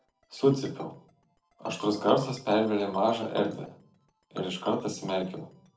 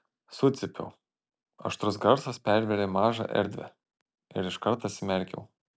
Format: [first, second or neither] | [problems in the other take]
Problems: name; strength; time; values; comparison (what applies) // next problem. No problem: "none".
second | noise reduction (neural separator model SepFormer DNS4)